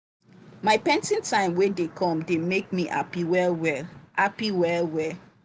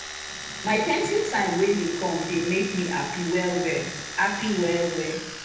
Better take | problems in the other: first | background sound (Domestic sounds, home sounds); 10 dB below the speech // room echo; dies away in 0.9 s

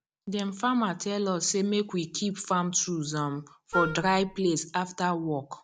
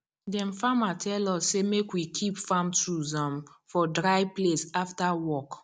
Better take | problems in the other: second | background sound (Wind instrument, woodwind instrument); 6 dB below the speech

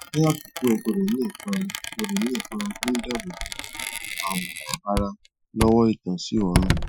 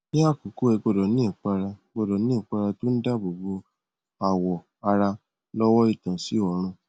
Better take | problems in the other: second | noise reduction (classical method Wiener filter)

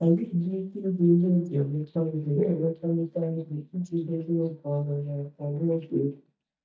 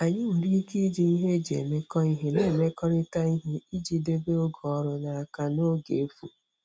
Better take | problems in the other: second | noise reduction (neural mask model DeepFilterNet 3)

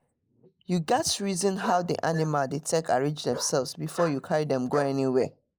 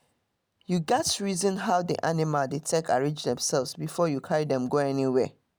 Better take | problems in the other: second | noise reduction (neural mask model Resemble Enhance denoiser)

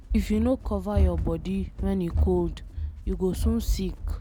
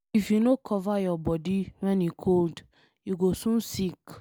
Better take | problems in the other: second | background sound (Run); as loud as the speech

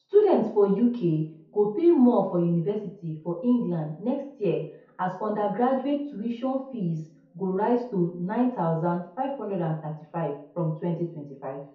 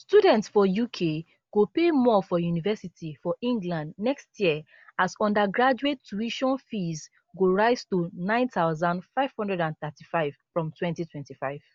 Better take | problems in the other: second | room echo; dies away in 0.6 s

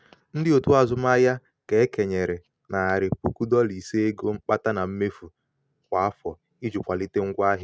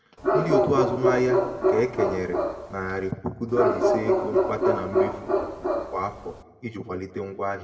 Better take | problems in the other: first | background sound (Bark); 5 dB above the speech // room echo; dies away in 0.9 s

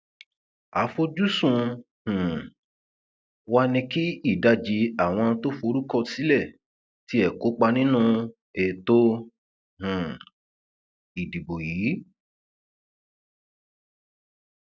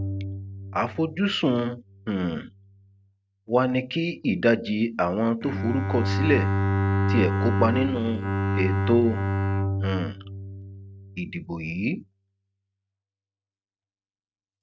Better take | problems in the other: first | noise reduction (neural mask model RNNoise)

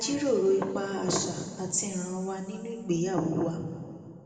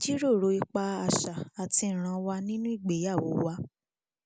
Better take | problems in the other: second | room echo; dies away in 1.8 s

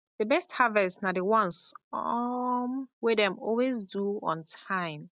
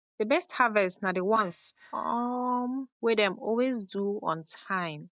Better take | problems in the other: first | noise reduction (neural mask model DeepFilterNet 3)

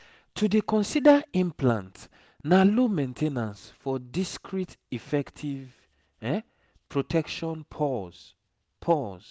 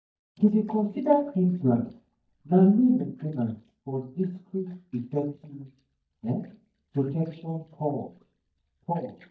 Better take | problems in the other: first | noise reduction (neural mask model DeepFilterNet 3)

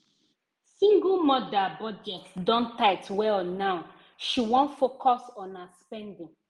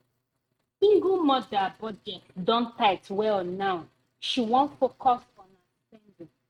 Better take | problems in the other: first | noise reduction (neural mask model RNNoise)

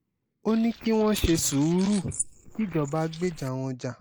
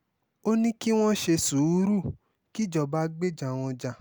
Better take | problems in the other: second | noise reduction (neural mask model Resemble Enhance denoiser)

